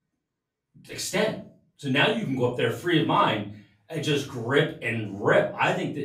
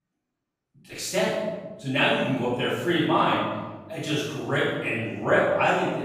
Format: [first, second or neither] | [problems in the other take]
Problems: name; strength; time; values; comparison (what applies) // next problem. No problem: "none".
first | room echo; strong; dies away in 1.1 s; slight in the first // off-mic speech; far; far in the first